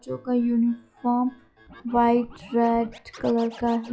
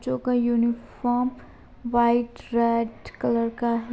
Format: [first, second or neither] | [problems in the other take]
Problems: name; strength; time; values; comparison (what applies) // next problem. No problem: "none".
second | noise reduction (classical method log-MMSE)